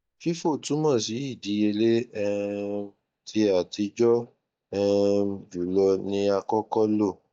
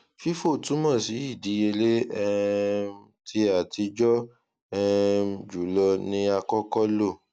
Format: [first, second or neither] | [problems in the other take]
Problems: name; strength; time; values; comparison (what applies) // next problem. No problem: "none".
second | noise reduction (neural mask model DeepFilterNet 3)